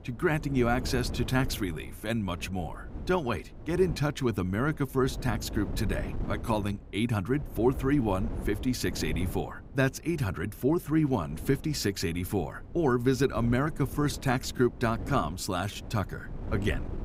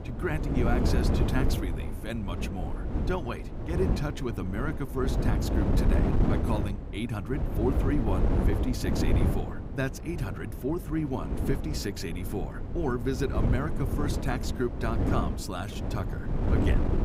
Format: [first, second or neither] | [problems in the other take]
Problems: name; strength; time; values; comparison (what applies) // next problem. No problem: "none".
first | wind noise on the microphone; heavy; 2 dB below the speech; occasional gusts in the first